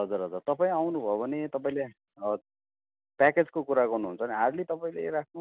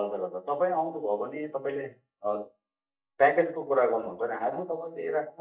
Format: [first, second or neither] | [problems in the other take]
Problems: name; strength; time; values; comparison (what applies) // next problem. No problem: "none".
first | noise reduction (neural mask model DeepFilterNet 3)